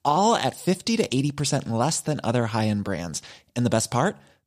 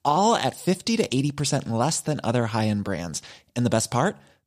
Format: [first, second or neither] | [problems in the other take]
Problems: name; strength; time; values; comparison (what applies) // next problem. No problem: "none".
neither | none